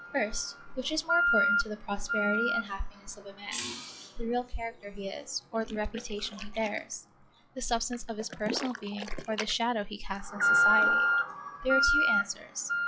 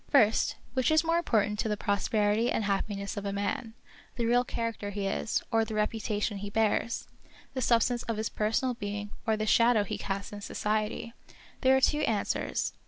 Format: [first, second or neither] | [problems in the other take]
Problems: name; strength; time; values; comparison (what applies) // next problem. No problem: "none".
second | noise reduction (classical method log-MMSE)